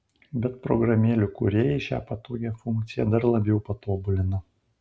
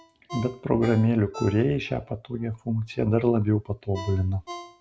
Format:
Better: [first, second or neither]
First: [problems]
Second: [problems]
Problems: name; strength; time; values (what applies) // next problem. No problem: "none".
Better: first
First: none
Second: background sound (Ringtone); 18 dB below the speech